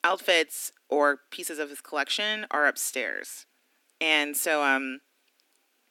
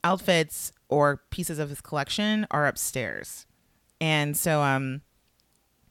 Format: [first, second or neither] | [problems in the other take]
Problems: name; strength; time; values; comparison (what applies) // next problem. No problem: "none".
second | thin; somewhat; fading below 250 Hz